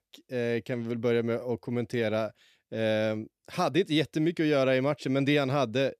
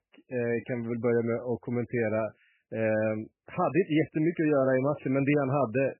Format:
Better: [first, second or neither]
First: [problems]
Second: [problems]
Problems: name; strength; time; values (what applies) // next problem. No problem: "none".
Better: first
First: none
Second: garbled, watery; badly; nothing above 2.5 kHz